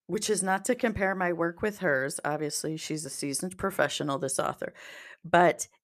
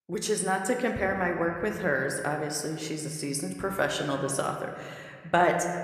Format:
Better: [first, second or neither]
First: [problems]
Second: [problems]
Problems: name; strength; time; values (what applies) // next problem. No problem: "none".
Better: first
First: none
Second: room echo; slight; dies away in 1.7 s